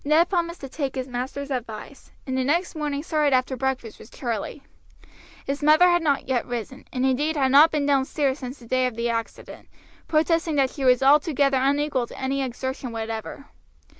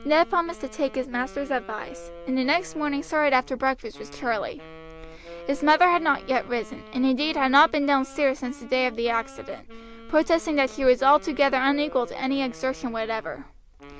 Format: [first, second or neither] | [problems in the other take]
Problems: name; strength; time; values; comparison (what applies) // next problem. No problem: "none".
first | background sound (Wind instrument, woodwind instrument); 19 dB below the speech